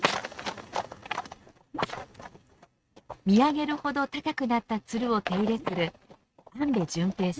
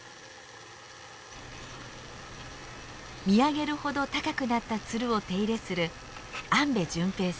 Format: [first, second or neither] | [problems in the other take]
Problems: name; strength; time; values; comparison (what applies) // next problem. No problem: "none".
second | noise reduction (neural mask model RNNoise)